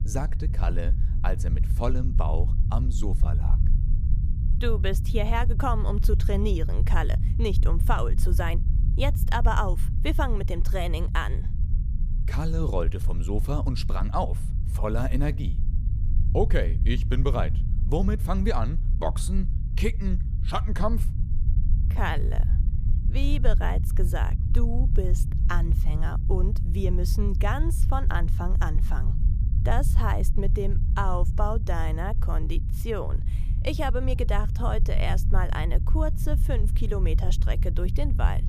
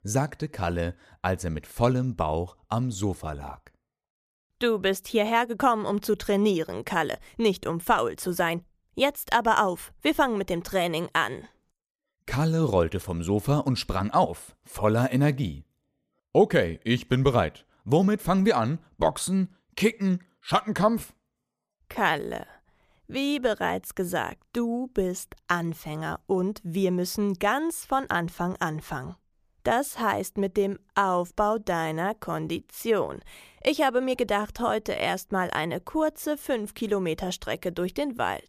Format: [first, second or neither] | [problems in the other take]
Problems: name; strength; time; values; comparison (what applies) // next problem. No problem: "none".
second | low rumble; noticeable; throughout; 10 dB below the speech